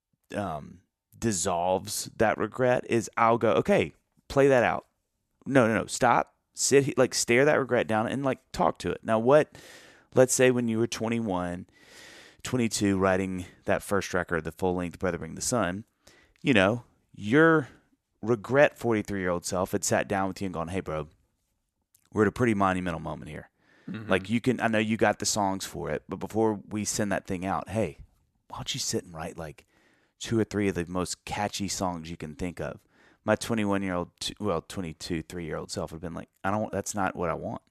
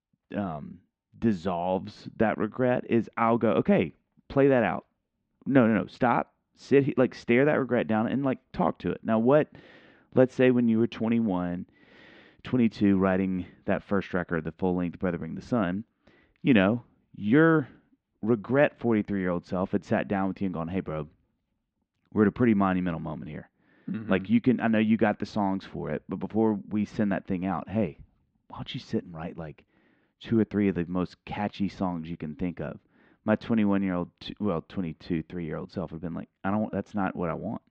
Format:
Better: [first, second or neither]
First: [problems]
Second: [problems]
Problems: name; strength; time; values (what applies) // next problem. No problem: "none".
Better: first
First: none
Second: muffled; very; fading above 3.5 kHz